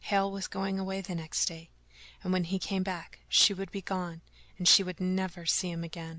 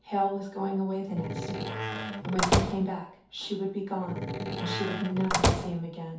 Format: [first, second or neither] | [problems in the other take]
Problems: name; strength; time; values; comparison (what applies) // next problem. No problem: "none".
first | background sound (Slam); 2 dB above the speech // room echo; dies away in 0.5 s